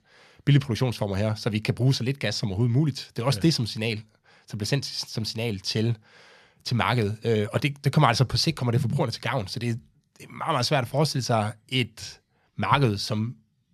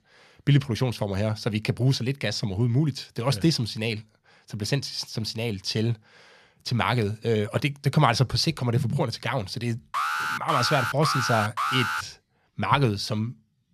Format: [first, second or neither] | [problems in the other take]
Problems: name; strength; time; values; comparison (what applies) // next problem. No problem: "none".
first | alarm; loud; from 10 to 12 s; peak level with the speech